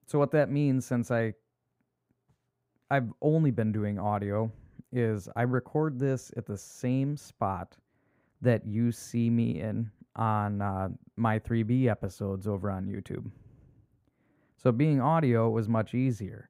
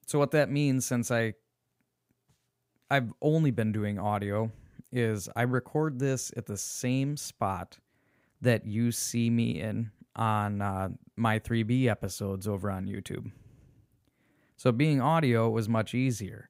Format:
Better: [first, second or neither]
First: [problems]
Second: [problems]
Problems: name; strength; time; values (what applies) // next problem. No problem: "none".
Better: second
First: muffled; slightly; fading above 2 kHz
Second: none